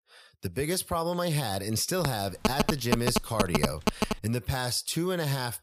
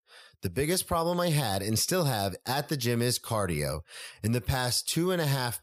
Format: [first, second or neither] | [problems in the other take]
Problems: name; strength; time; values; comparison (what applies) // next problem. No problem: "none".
second | phone ringing; loud; from 2 to 4 s; peak 2 dB above the speech